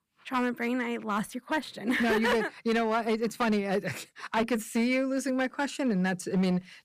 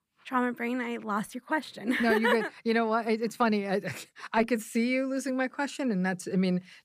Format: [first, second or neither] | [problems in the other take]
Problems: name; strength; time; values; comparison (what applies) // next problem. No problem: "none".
second | distortion; slight; 7% of the sound clipped